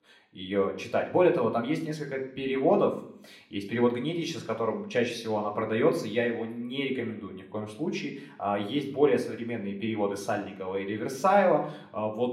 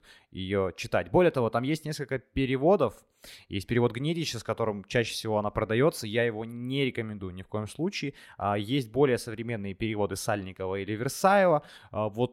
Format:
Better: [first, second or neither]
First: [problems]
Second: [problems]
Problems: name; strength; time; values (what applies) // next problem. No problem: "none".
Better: second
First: room echo; slight; dies away in 0.6 s // off-mic speech; somewhat distant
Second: none